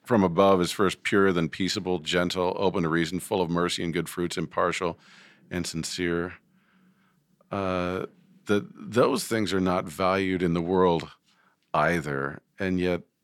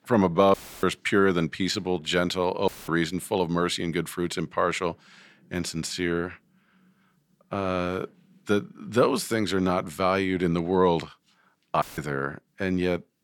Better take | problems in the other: first | audio cutting out; filled with static; at 0.5 s, at 2.5 s and at 12 s

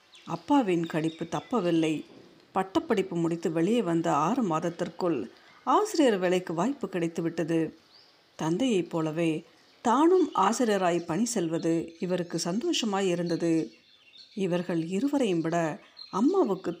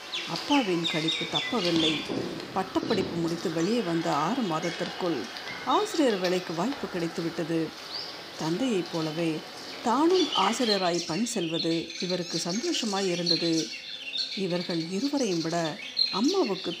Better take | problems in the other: first | animal sounds; loud; throughout; 3 dB below the speech; faint in the first

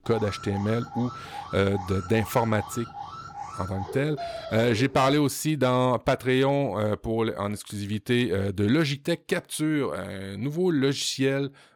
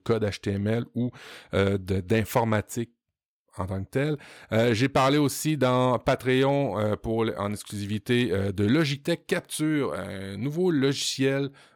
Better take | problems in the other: second | alarm; noticeable; until 5 s; peak 9 dB below the speech

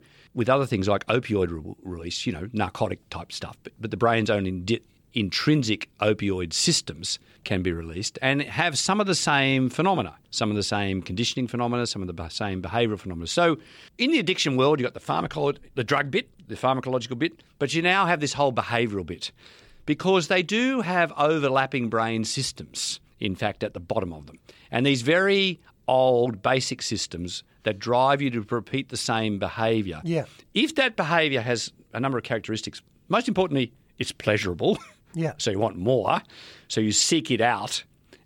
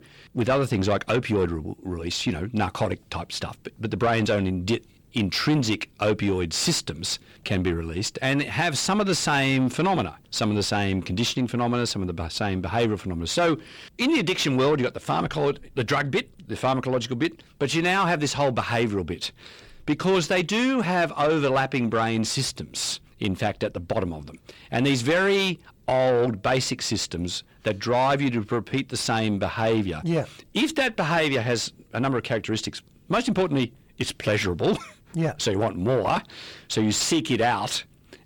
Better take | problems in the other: first | distortion; slight; 10 dB below the speech

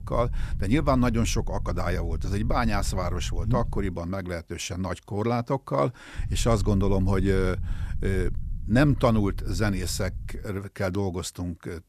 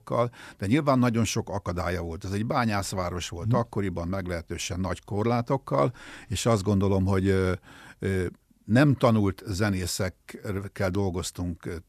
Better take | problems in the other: second | low rumble; faint; until 4 s and from 6 to 10 s; 20 dB below the speech

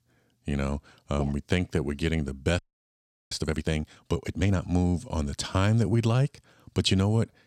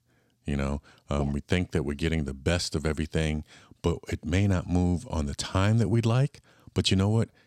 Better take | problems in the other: second | audio freezing; at 2.5 s for 0.5 s

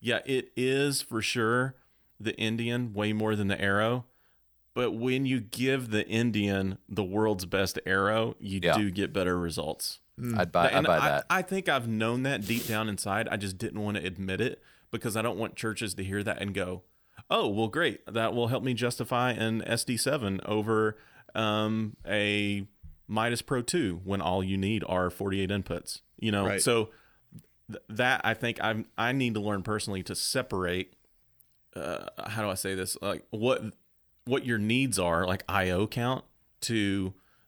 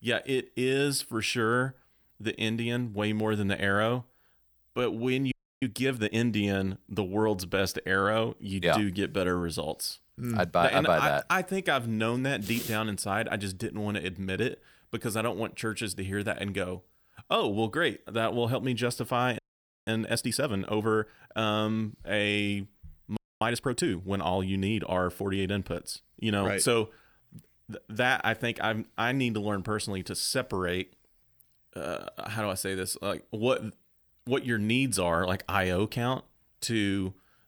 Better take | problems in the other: first | audio freezing; at 5.5 s, at 19 s and at 23 s

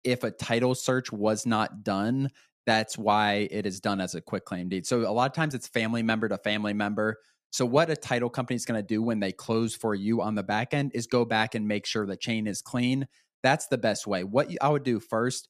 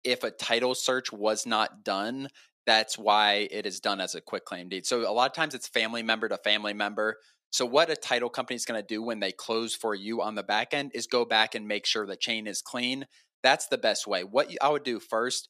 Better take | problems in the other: first | thin; somewhat; fading below 400 Hz

